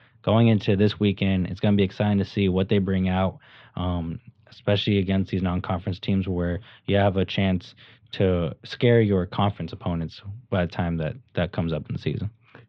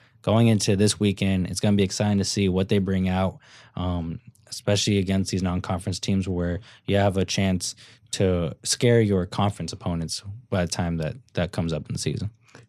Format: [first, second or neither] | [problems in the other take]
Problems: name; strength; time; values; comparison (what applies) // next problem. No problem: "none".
second | muffled; very; fading above 3.5 kHz